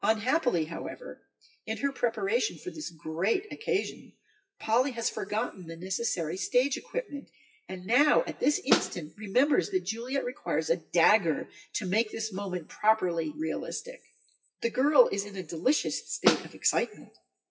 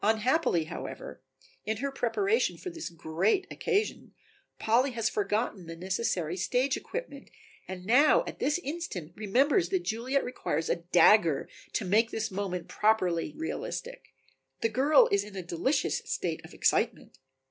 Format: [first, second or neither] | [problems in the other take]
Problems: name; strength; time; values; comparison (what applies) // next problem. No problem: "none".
second | noise reduction (classical method WPE with log-MMSE)